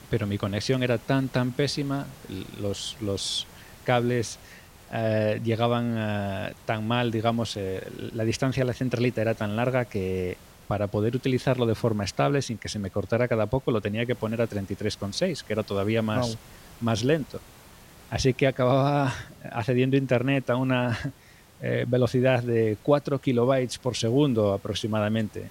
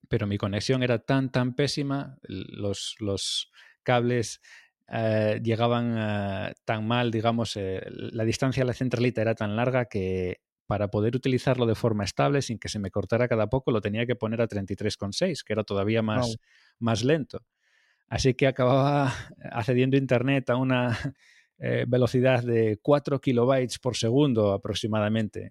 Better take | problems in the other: second | hiss; faint; throughout; 25 dB below the speech

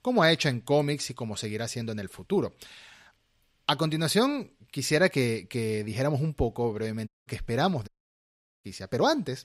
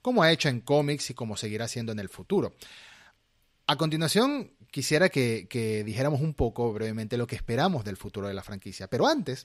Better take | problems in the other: second | audio cutting out; at 7 s and at 8 s for 1 s

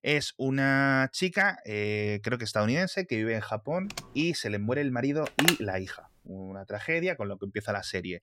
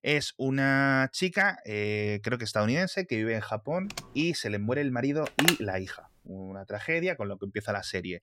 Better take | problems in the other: neither | keyboard typing; faint; at 4 s; peak 10 dB below the speech; the same in both // phone ringing; loud; at 5.5 s; peak 4 dB above the speech; the same in both

